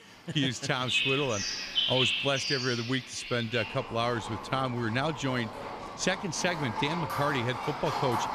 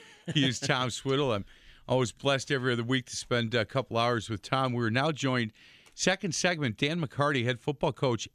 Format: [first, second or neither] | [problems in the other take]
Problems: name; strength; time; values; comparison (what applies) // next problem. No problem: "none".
second | animal sounds; loud; throughout; 1 dB below the speech